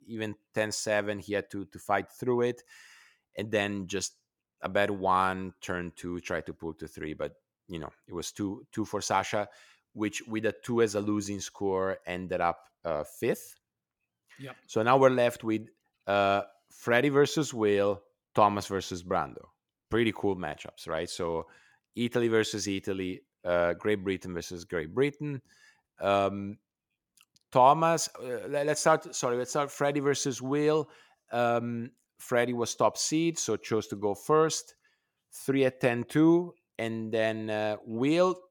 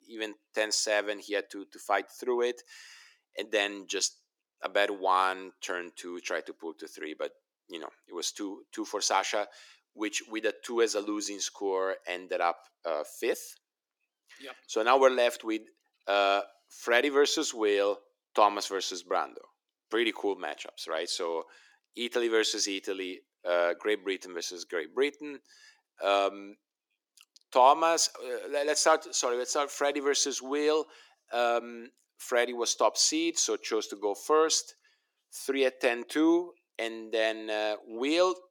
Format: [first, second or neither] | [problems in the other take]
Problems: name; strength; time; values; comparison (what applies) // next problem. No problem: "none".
first | thin; somewhat; fading below 300 Hz